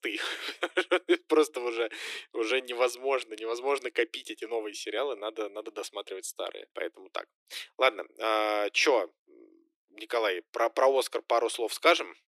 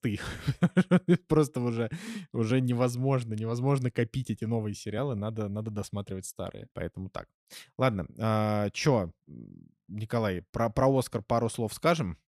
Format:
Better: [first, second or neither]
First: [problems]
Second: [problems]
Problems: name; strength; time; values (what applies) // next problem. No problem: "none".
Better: second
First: thin; very; fading below 300 Hz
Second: none